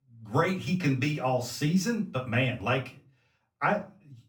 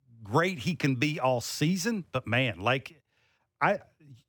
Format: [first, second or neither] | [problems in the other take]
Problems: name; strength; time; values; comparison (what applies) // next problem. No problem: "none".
second | off-mic speech; far // room echo; very slight; dies away in 0.3 s